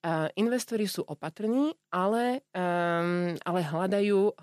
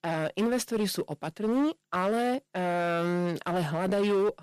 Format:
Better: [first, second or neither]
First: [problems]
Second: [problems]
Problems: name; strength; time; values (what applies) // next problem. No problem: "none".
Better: first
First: none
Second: distortion; slight; 12% of the sound clipped